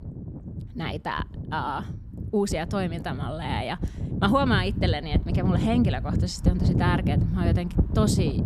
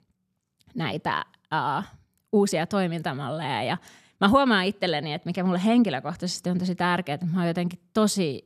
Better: second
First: wind noise on the microphone; heavy; 8 dB below the speech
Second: none

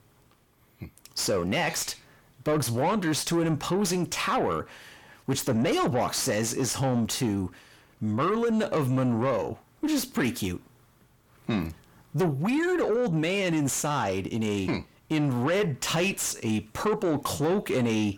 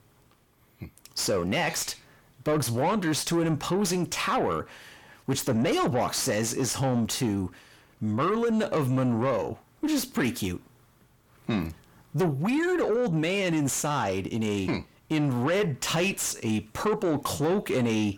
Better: neither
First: distortion; slight; 10 dB below the speech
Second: distortion; slight; 10 dB below the speech

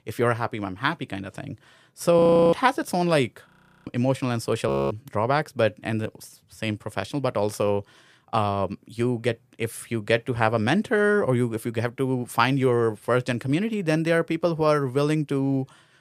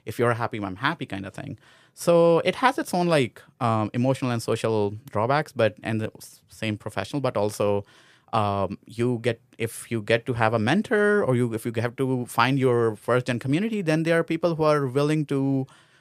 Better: second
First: audio freezing; at 2 s, at 3.5 s and at 4.5 s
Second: none

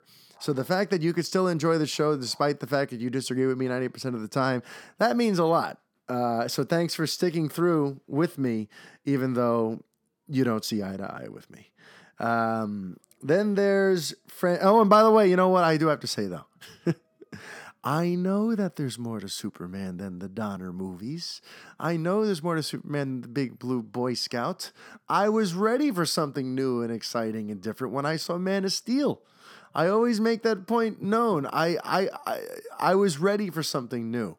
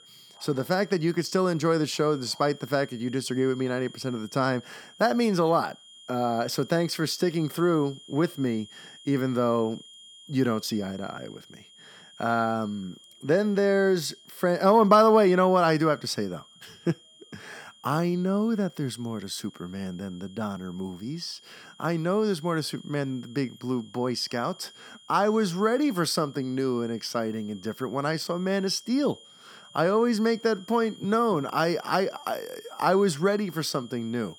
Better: first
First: none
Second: high-pitched whine; faint; throughout; 3 kHz, 25 dB below the speech

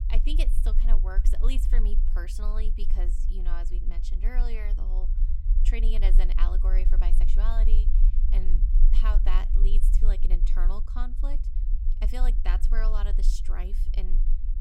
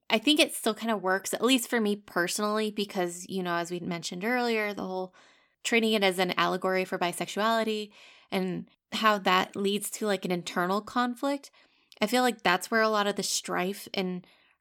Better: second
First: low rumble; loud; throughout; 10 dB below the speech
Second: none

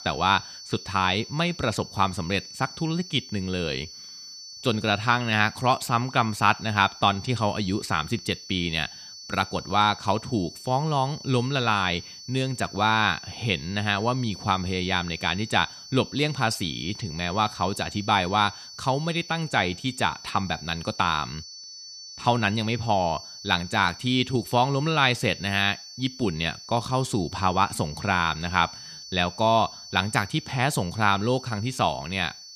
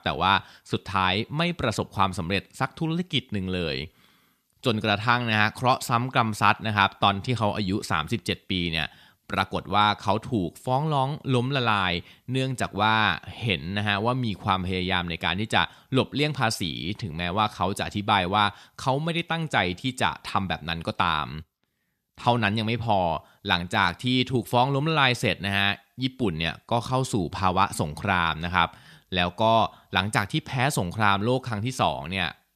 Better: second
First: high-pitched whine; noticeable; throughout; 4.5 kHz, 15 dB below the speech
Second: none

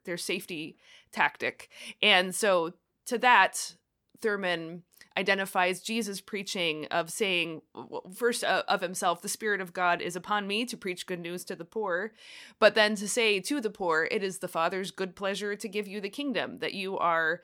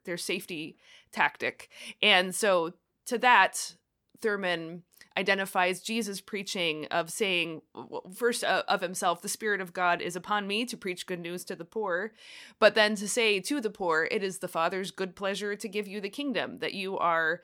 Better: neither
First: none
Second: none

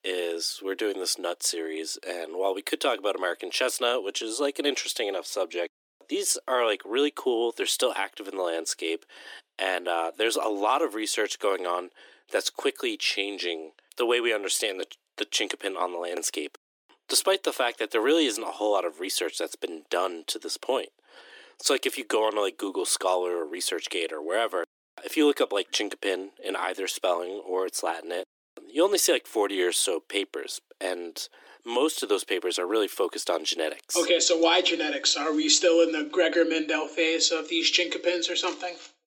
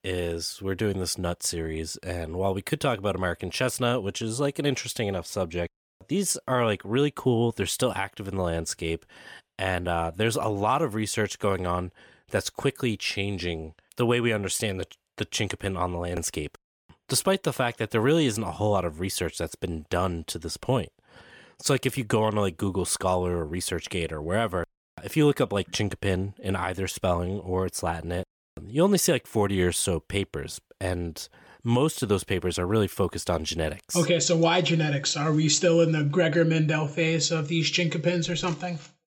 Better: second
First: thin; somewhat; fading below 300 Hz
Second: none

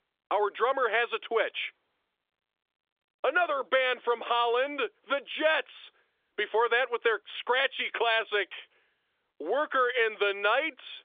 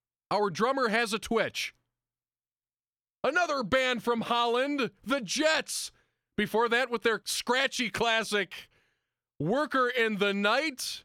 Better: second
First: phone-call audio; nothing above 3.5 kHz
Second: none

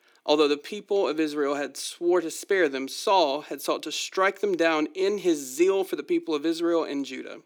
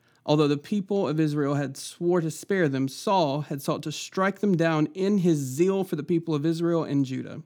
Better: second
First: thin; somewhat; fading below 350 Hz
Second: none

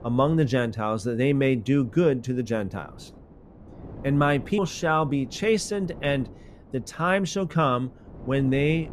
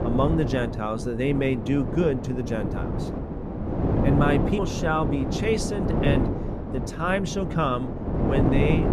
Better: first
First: wind noise on the microphone; occasional gusts; 25 dB below the speech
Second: wind noise on the microphone; heavy; 4 dB below the speech

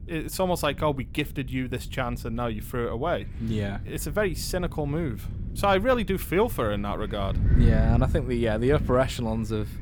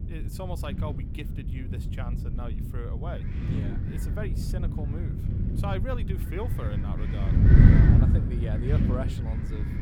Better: first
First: wind noise on the microphone; occasional gusts; 15 dB below the speech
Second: wind noise on the microphone; heavy; 3 dB above the speech

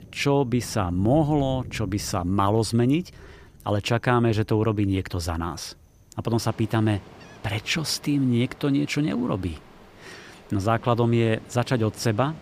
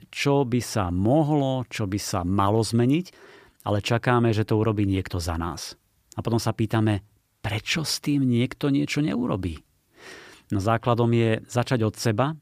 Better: second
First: rain or running water; faint; throughout; 20 dB below the speech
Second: none

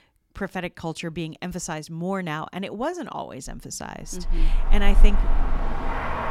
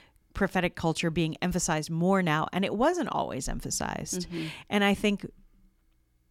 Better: second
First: traffic noise; very loud; from 4.5 s on; 5 dB above the speech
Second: none

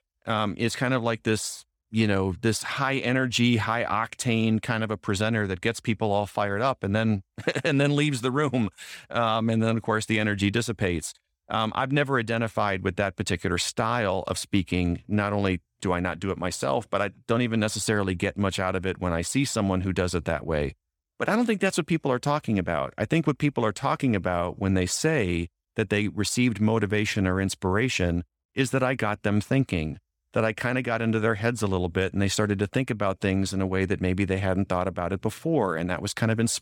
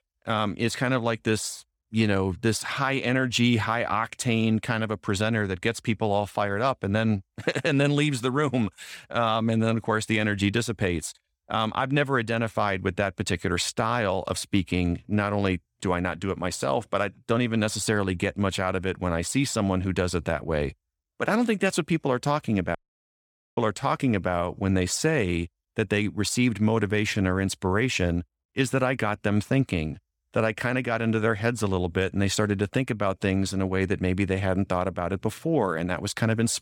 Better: first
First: none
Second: audio cutting out; at 23 s for 1 s

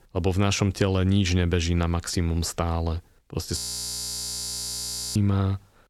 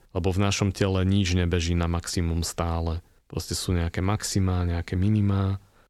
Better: second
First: audio freezing; at 3.5 s for 1.5 s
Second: none

